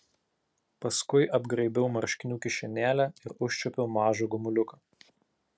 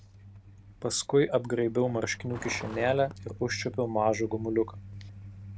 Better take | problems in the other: first | background sound (Truck); 14 dB below the speech

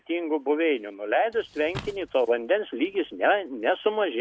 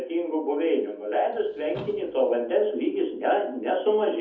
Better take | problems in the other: first | room echo; dies away in 0.5 s

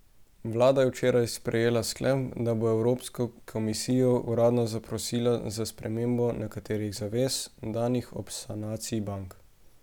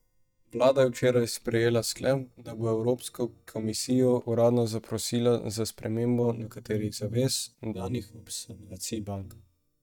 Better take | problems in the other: first | noise reduction (neural mask model DeepFilterNet 3)

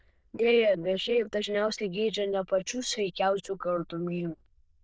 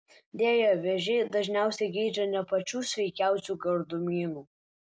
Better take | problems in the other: second | noise reduction (neural diffusion model UNIVERSE++)

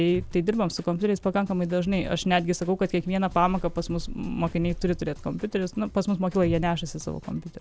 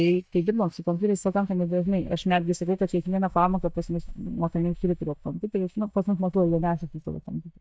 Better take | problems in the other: first | noise reduction (neural mask model DeepFilterNet 3)

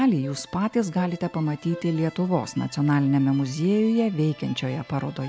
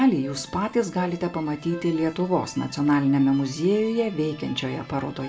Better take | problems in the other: first | room echo; dies away in 0.4 s

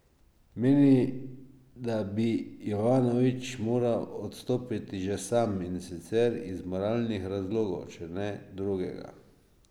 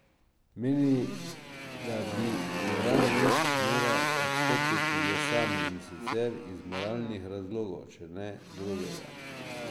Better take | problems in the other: first | background sound (Motorcycle); 2 dB above the speech

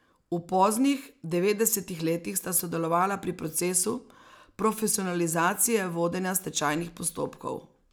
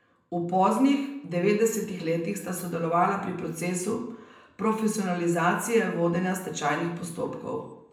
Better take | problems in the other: first | room echo; dies away in 0.7 s

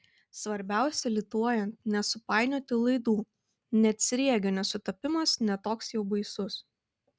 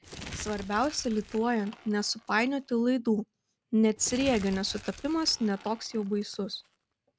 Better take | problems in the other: first | background sound (Crumpling, crinkling); 17 dB below the speech

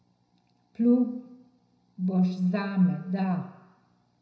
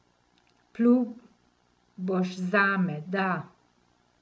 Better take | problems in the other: second | room echo; dies away in 0.8 s

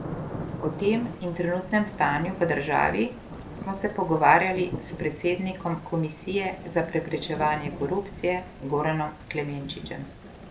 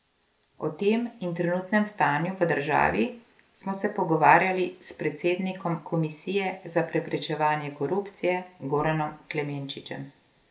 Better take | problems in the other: second | background sound (Thunder / Rain); 11 dB below the speech

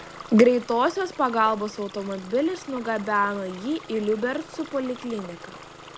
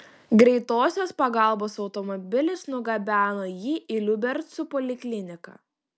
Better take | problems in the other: second | background sound (Engine starting + Stream); 18 dB below the speech

